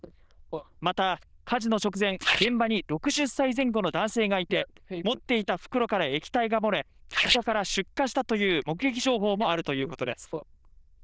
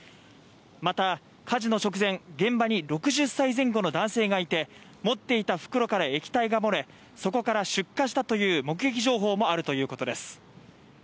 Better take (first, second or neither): second